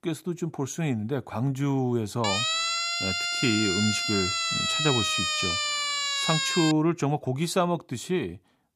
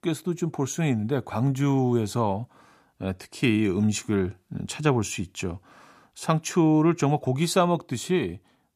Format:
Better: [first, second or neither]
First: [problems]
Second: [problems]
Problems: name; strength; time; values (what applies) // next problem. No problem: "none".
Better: second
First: siren; loud; from 2 to 6.5 s; peak 4 dB above the speech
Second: none